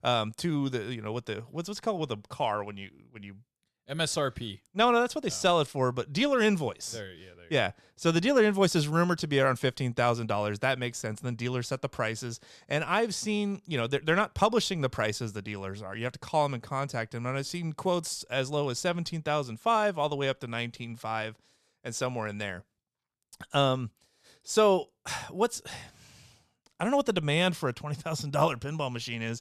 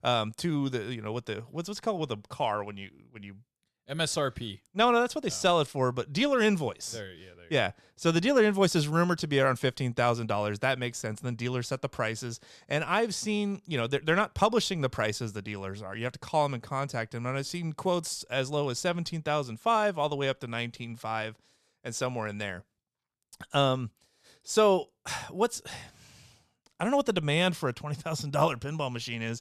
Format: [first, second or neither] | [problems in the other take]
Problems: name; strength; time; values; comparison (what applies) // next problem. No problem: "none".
neither | none